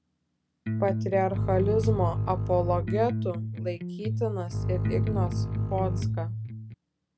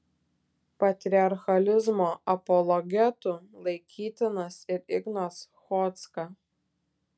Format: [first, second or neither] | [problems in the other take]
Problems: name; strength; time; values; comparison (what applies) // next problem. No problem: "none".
second | background sound (Bowed string instrument + Electric guitar); 2 dB above the speech